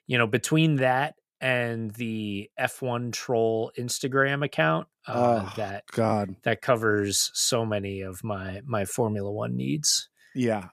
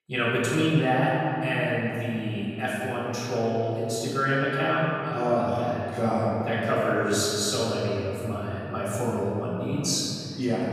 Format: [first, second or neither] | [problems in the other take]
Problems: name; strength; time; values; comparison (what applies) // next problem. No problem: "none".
first | off-mic speech; far // room echo; strong; dies away in 2.6 s